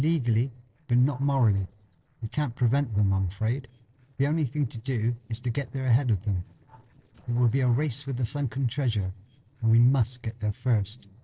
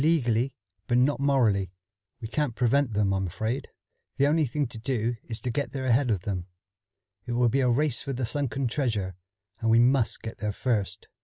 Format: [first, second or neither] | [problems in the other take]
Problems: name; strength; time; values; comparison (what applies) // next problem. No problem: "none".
second | noise reduction (neural separator model SepFormer DNS4)